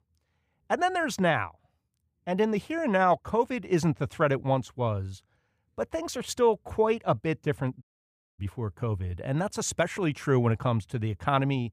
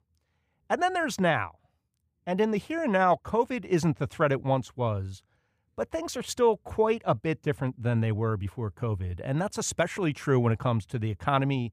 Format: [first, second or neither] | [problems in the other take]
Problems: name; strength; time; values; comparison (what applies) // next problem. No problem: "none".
second | audio cutting out; at 8 s for 0.5 s